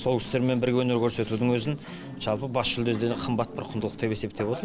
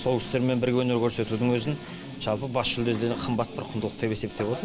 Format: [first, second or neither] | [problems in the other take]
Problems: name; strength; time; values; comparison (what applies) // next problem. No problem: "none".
first | background sound (Guitar + Alarm); 18 dB below the speech